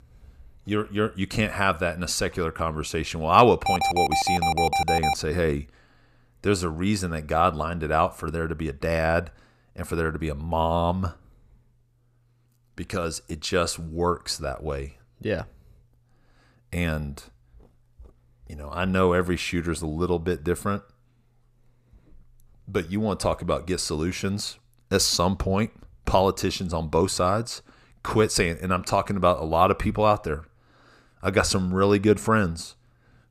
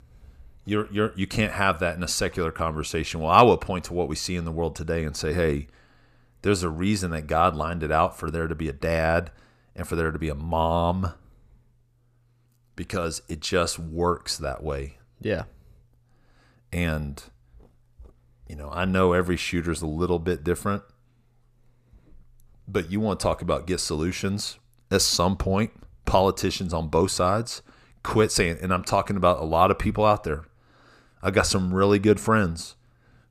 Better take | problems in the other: second | alarm; loud; from 3.5 to 5 s; peak 2 dB above the speech

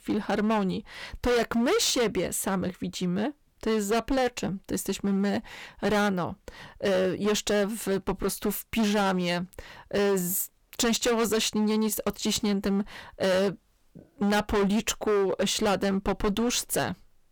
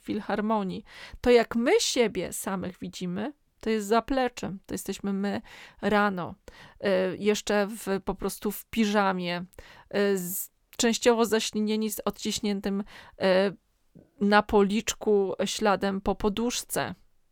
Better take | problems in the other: second | distortion; heavy; 16% of the sound clipped

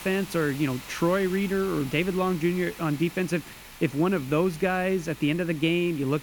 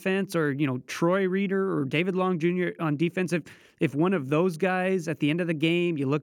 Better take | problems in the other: second | hiss; noticeable; throughout; 15 dB below the speech

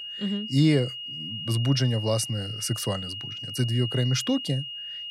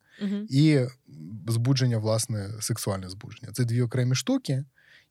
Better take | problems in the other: second | high-pitched whine; loud; throughout; 3 kHz, 7 dB below the speech

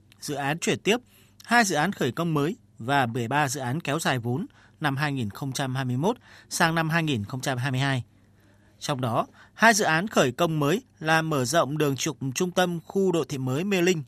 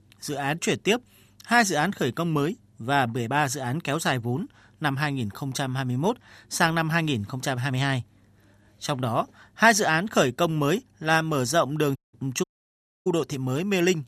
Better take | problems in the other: first | audio cutting out; at 12 s for 0.5 s

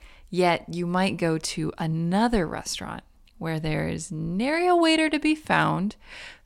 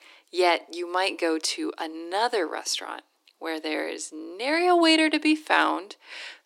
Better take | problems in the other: first | thin; very; fading below 300 Hz

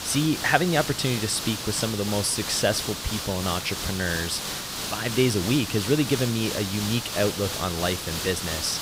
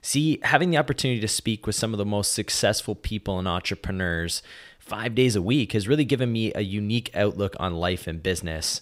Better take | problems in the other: second | hiss; loud; throughout; 4 dB below the speech

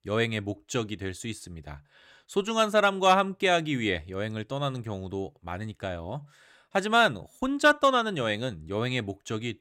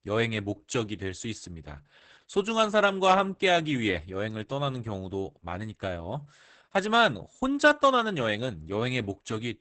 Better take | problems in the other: first | garbled, watery; badly; nothing above 8 kHz

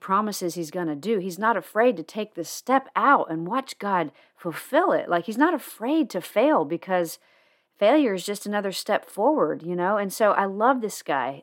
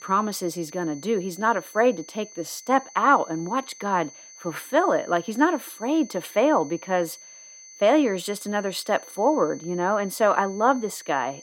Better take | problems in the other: first | high-pitched whine; noticeable; throughout; 6 kHz, 20 dB below the speech

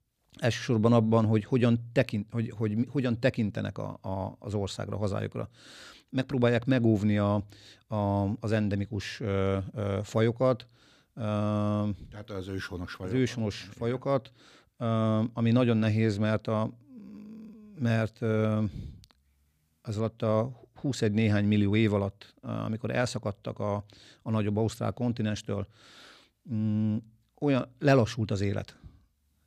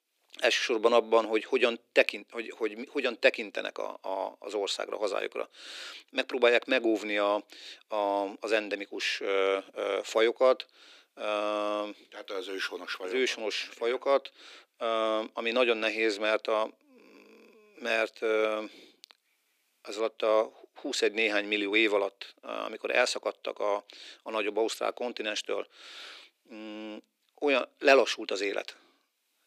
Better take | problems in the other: first | thin; very; fading below 350 Hz

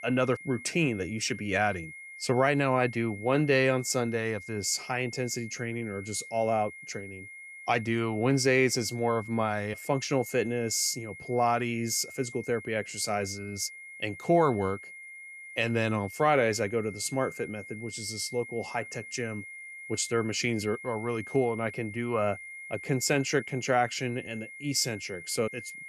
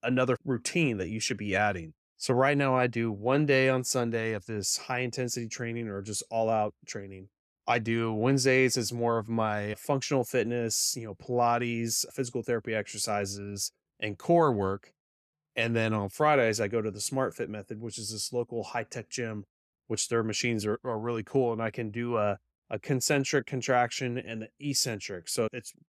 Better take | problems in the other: second | high-pitched whine; noticeable; throughout; 2 kHz, 15 dB below the speech

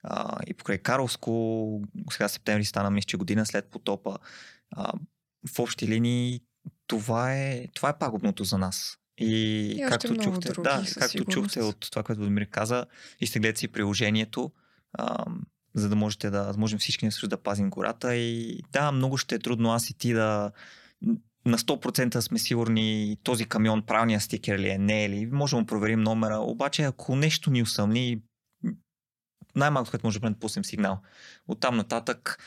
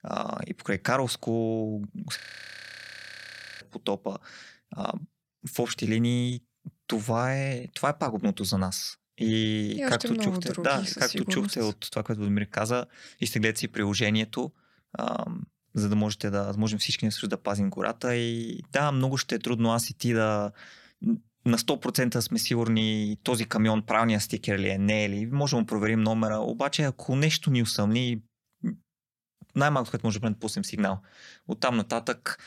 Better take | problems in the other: first | audio freezing; at 2 s for 1.5 s

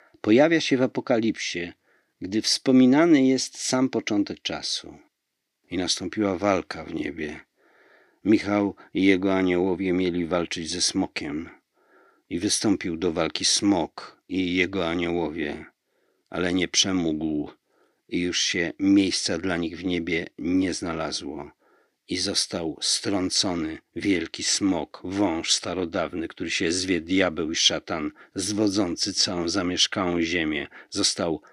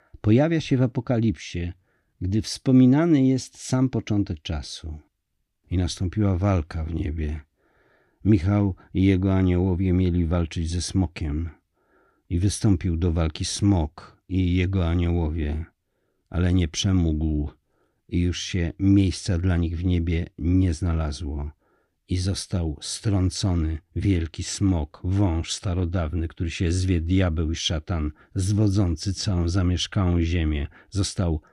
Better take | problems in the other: second | thin; somewhat; fading below 350 Hz

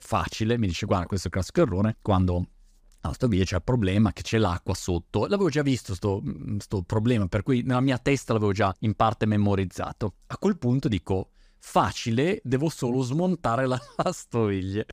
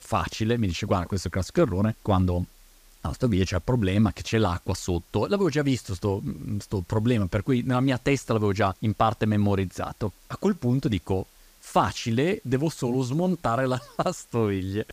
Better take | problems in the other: first | hiss; faint; throughout; 30 dB below the speech

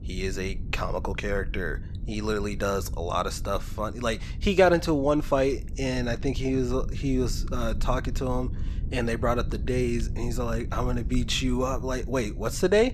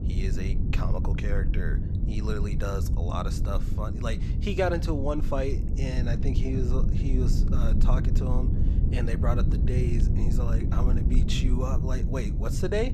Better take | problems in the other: first | low rumble; loud; throughout; 6 dB below the speech; faint in the first

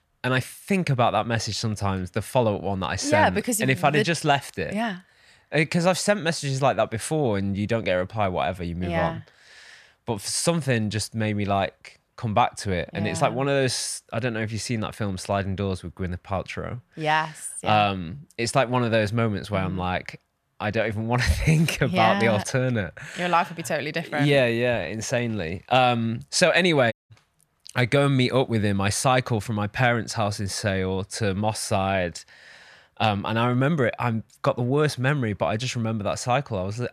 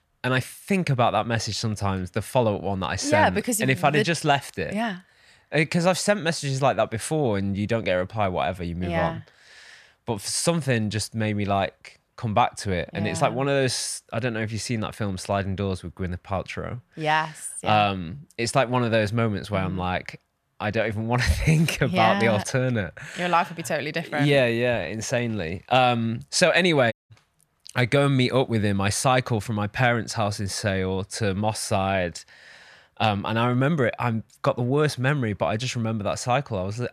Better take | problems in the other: neither | audio cutting out; at 27 s; the same in both

